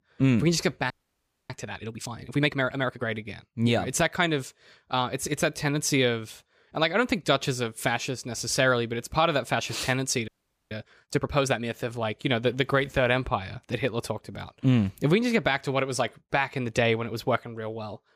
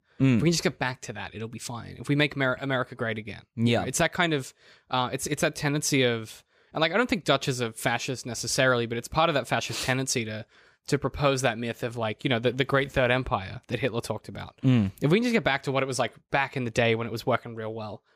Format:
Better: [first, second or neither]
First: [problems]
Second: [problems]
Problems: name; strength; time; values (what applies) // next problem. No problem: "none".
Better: second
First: audio freezing; at 1 s for 0.5 s and at 10 s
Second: none